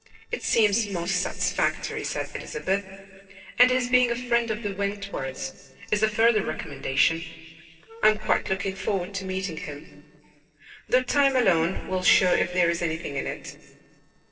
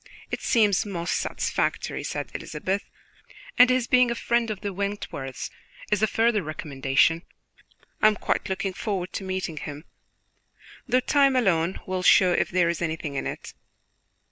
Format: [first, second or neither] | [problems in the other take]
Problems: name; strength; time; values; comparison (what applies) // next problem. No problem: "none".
second | noise reduction (neural separator model SepFormer DNS4)